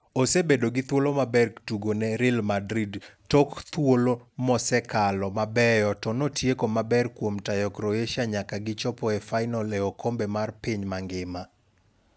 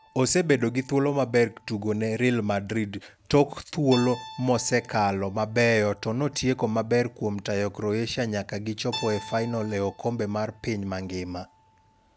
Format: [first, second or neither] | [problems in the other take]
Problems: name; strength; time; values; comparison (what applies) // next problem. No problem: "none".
first | background sound (Keyboard (musical)); 20 dB below the speech